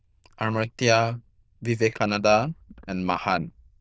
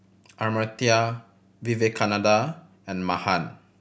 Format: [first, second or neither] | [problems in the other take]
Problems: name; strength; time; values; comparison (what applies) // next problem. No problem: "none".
second | noise reduction (neural diffusion model UNIVERSE++)